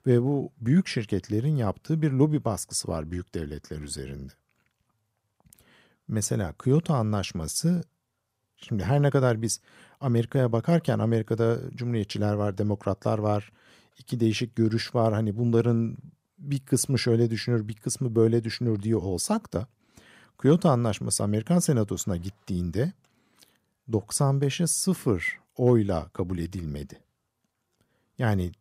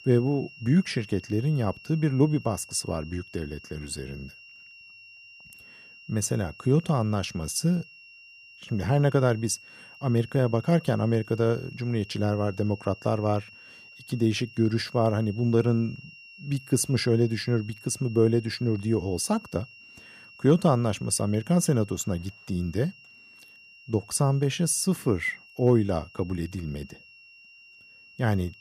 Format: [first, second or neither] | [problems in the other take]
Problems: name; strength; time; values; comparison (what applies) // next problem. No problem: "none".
first | high-pitched whine; faint; throughout; 2.5 kHz, 20 dB below the speech